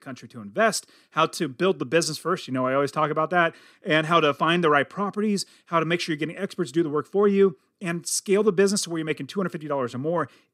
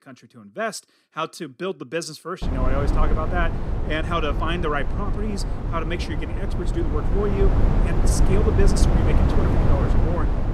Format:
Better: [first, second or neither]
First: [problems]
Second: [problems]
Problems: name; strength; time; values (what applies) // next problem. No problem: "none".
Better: first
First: none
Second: low rumble; loud; from 2.5 s on; 3 dB below the speech